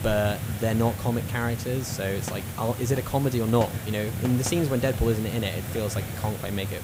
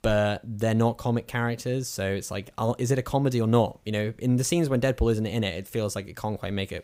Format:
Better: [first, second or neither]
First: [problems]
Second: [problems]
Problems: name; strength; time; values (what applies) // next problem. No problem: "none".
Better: second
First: hiss; loud; throughout; 6 dB below the speech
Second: none